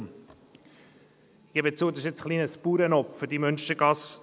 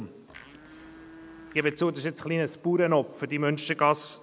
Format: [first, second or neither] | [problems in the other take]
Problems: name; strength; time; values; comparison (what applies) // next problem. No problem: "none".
first | background sound (Domestic sounds, home sounds); 19 dB below the speech